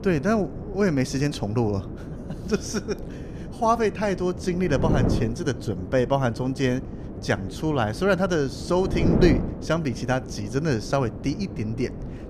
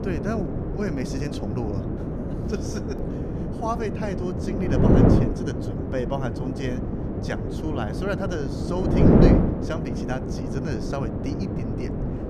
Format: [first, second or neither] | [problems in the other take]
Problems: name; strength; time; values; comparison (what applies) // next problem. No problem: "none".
first | wind noise on the microphone; heavy; 3 dB above the speech; occasional gusts in the first